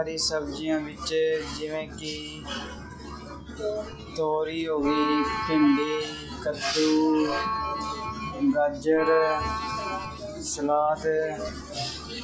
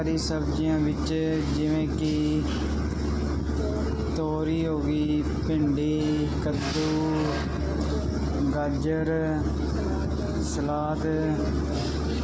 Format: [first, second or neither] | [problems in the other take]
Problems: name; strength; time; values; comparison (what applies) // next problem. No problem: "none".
second | noise reduction (classical method log-MMSE)